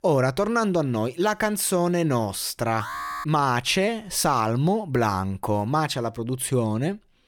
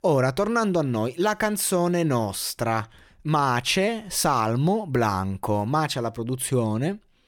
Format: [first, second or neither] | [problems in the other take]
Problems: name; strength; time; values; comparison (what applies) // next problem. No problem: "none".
second | alarm; noticeable; at 3 s; peak 7 dB below the speech